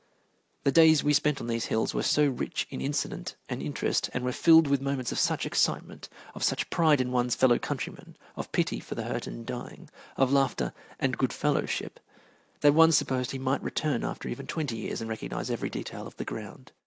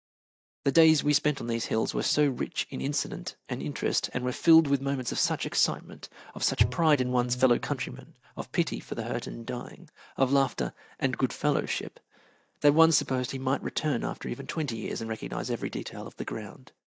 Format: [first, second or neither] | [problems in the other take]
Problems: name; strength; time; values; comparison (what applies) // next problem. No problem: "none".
first | noise reduction (neural mask model DeepFilterNet 3)